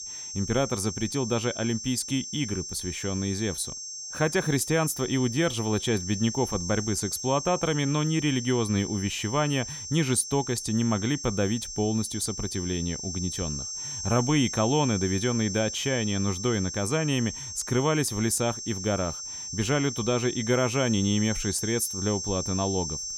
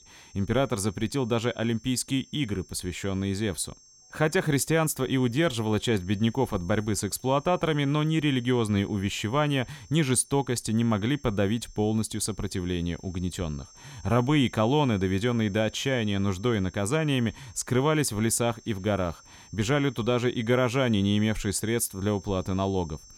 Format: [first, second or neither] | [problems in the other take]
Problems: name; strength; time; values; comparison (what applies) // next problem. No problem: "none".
second | high-pitched whine; loud; throughout; 6 kHz, 6 dB below the speech; faint in the second